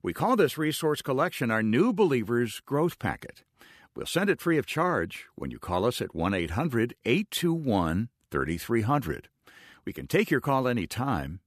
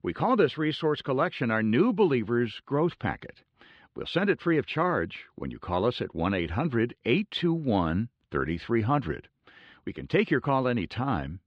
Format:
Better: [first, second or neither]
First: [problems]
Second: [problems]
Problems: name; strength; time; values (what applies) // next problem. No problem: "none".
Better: first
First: none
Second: muffled; very slightly; fading above 3.5 kHz